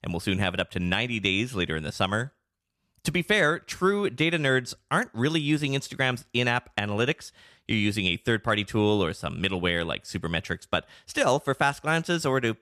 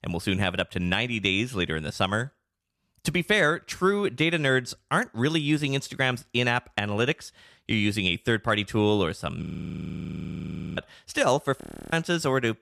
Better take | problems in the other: first | audio freezing; at 9.5 s for 1.5 s and at 12 s

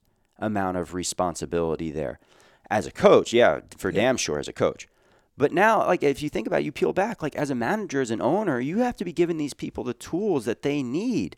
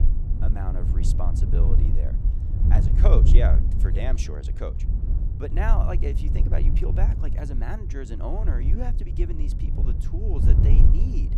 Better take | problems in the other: first | wind noise on the microphone; heavy; 4 dB below the speech

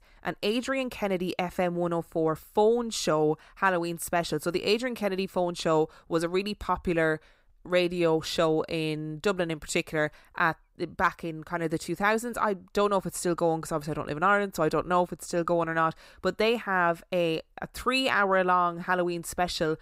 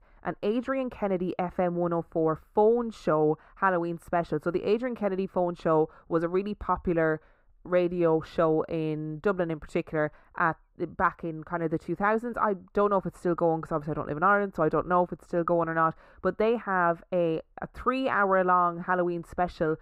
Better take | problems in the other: first | muffled; very; fading above 2.5 kHz

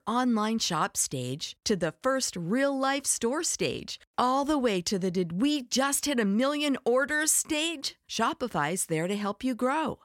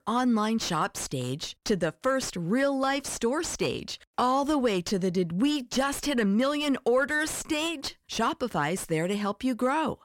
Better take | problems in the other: first | distortion; slight; 9 dB below the speech

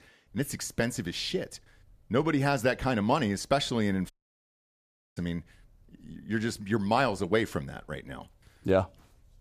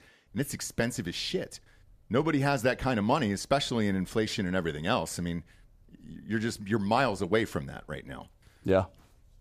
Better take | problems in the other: second | audio cutting out; at 4 s for 1 s

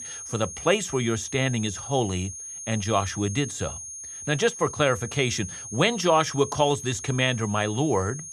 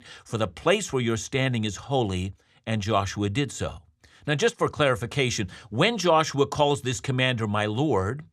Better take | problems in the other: second | high-pitched whine; loud; throughout; 6.5 kHz, 10 dB below the speech

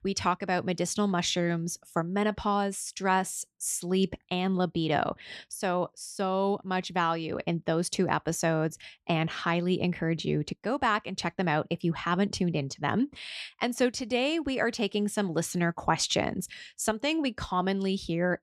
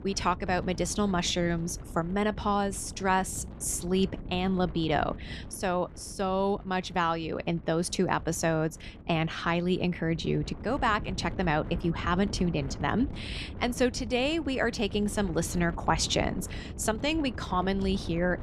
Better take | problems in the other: first | wind noise on the microphone; occasional gusts; 20 dB below the speech

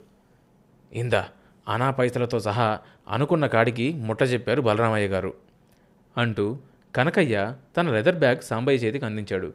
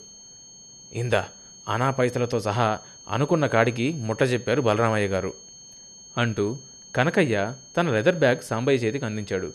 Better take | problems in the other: first | high-pitched whine; noticeable; throughout; 6.5 kHz, 20 dB below the speech

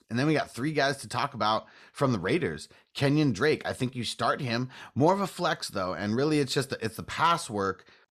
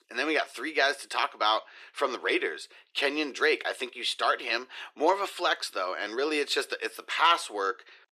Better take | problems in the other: first | thin; very; fading below 350 Hz

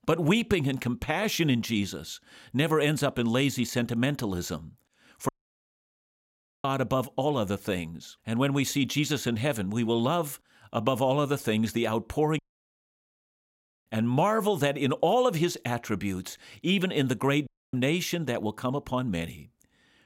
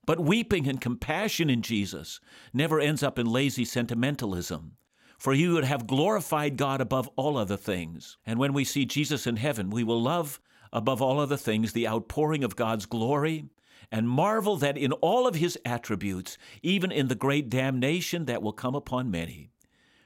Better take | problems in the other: second | audio cutting out; at 5.5 s for 1.5 s, at 12 s for 1.5 s and at 17 s

